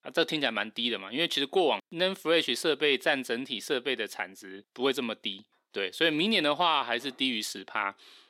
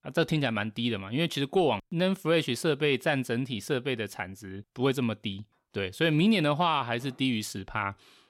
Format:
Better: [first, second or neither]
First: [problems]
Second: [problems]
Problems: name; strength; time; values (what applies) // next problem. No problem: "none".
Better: second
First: thin; somewhat; fading below 300 Hz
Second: none